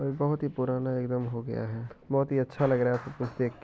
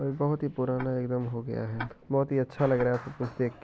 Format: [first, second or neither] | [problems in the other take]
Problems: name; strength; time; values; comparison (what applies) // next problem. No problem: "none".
first | background sound (Tick-tock); 18 dB below the speech